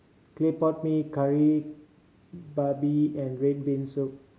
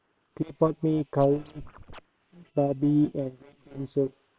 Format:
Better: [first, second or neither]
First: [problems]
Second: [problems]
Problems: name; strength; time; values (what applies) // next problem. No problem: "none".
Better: first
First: none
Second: noise reduction (neural separator model SepFormer WHAM!)